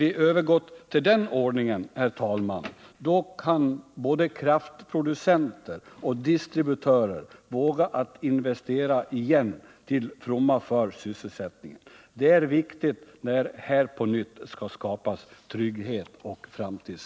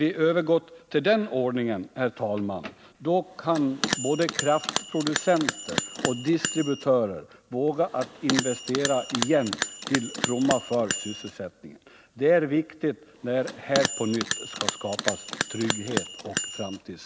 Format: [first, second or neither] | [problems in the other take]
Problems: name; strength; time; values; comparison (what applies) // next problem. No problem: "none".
first | background sound (Bell); 5 dB below the speech